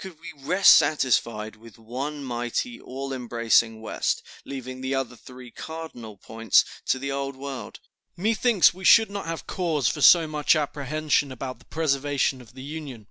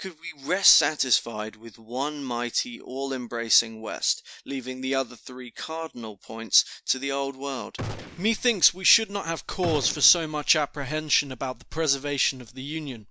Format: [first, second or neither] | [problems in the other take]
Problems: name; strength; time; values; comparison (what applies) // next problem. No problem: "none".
first | background sound (Gunshot, gunfire); 11 dB below the speech